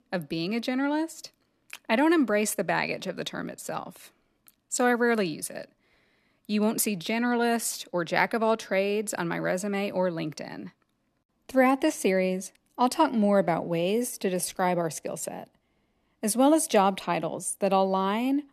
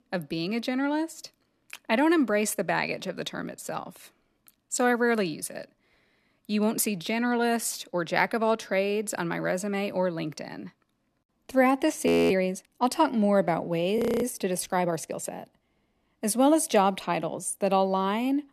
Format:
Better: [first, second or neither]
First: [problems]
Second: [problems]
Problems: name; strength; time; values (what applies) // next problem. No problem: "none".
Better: first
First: none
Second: audio freezing; at 12 s and at 14 s